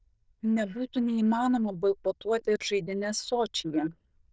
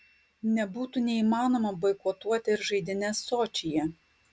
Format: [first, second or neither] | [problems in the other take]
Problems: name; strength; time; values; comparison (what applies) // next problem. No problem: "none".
second | noise reduction (neural diffusion model UNIVERSE++)